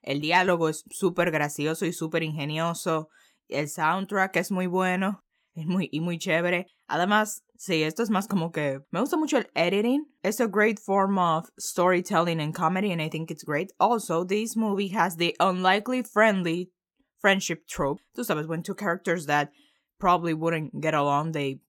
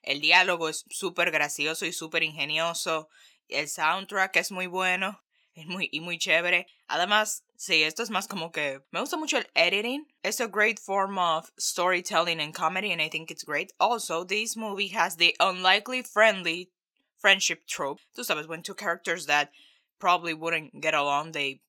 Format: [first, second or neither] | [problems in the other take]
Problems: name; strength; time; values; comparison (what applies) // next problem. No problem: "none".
first | thin; somewhat; fading below 650 Hz